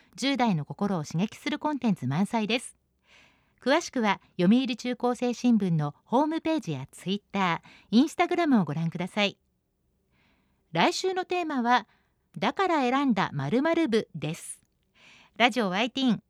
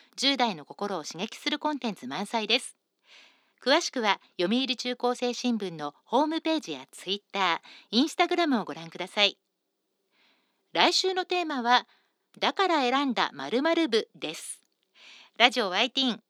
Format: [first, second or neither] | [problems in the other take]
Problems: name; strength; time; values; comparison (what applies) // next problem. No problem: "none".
first | thin; very slightly; fading below 250 Hz